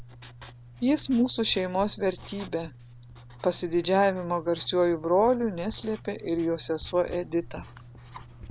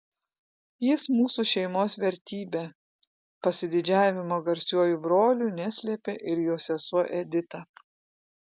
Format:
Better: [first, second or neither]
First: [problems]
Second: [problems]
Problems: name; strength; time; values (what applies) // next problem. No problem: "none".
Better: second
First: background sound (Writing); 17 dB below the speech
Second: none